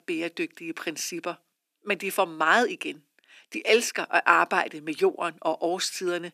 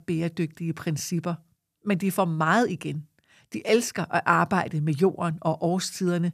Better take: second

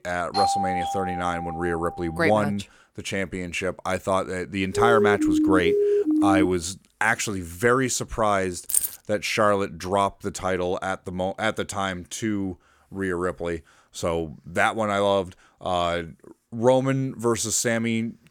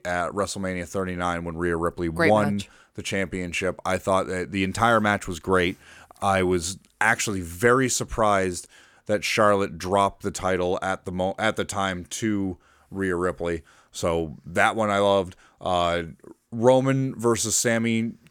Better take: second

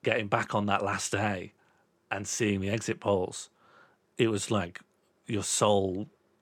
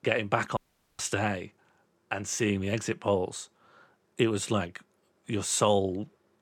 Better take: first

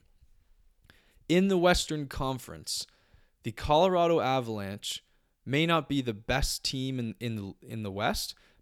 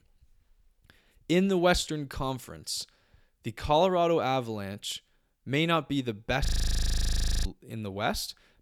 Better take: first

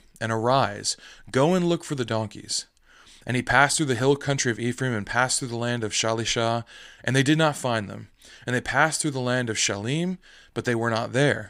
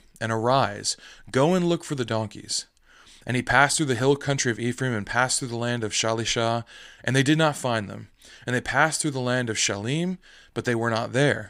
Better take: neither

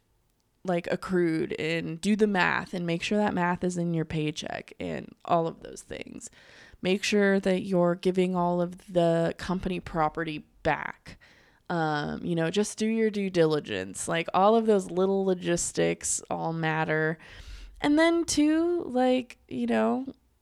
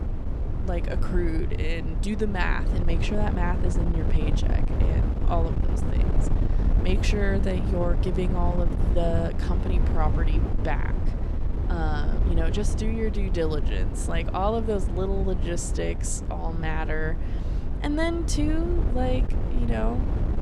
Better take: first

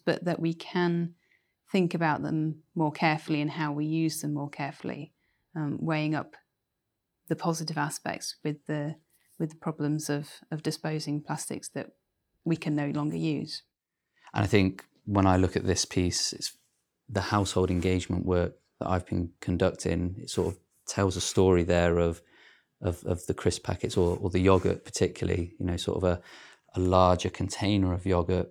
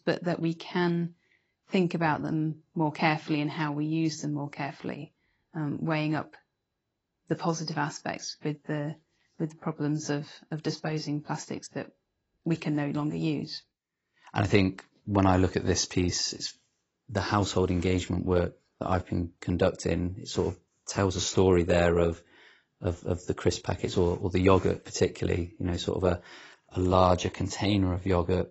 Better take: first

